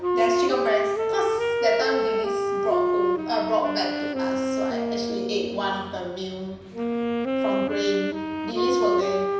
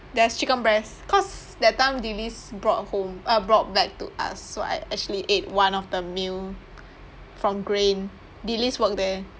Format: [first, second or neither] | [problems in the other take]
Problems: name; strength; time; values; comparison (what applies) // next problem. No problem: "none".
second | background sound (Wind instrument, woodwind instrument); 3 dB above the speech // room echo; dies away in 0.9 s